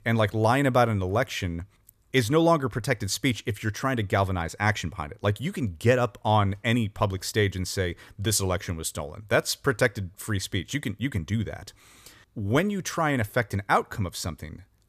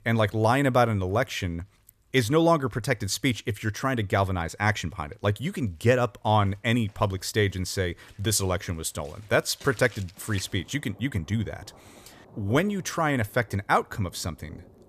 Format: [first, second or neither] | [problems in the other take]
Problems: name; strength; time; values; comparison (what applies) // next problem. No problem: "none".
first | rain or running water; faint; throughout; 25 dB below the speech